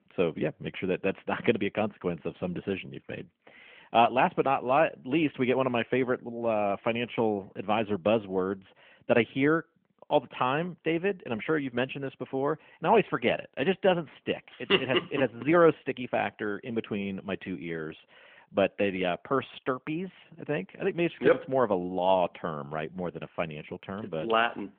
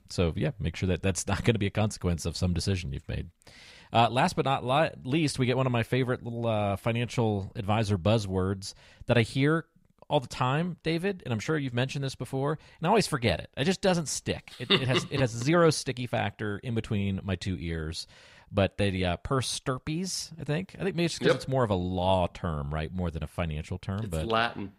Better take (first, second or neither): second